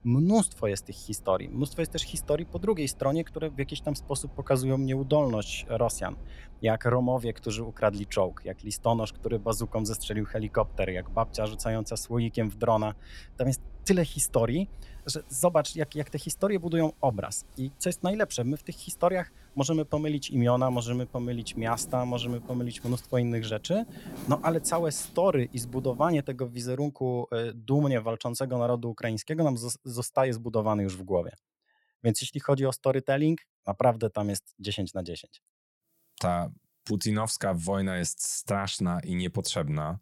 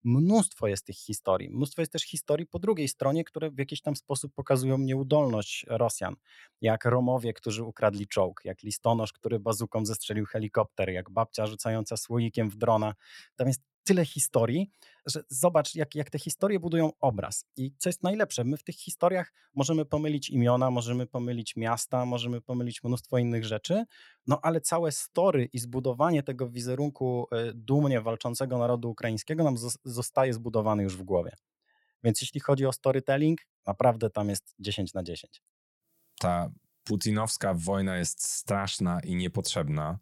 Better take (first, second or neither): second